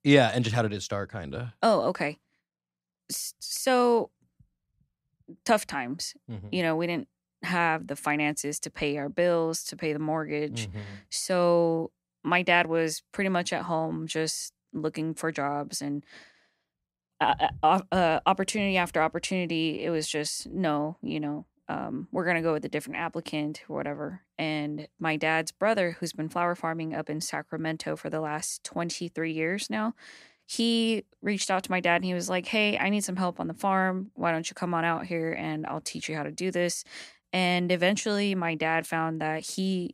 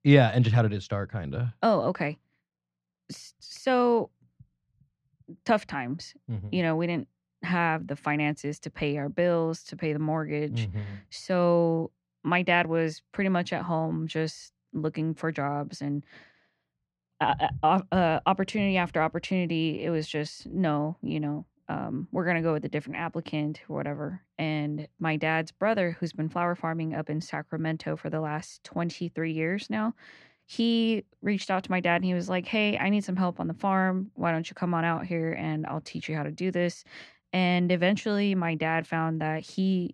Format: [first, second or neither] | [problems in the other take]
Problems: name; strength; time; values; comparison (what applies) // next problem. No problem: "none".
first | muffled; very slightly; fading above 3.5 kHz